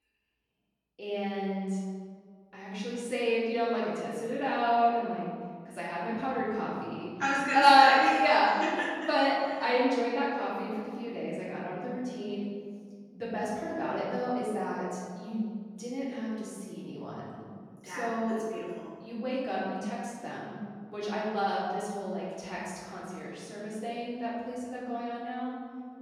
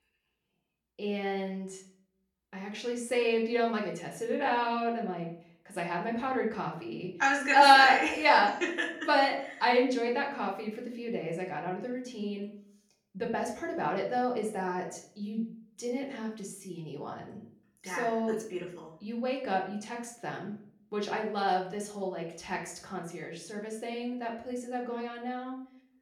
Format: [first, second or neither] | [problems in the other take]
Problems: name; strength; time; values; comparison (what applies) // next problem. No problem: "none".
second | room echo; strong; dies away in 1.8 s; slight in the second // off-mic speech; far; somewhat distant in the second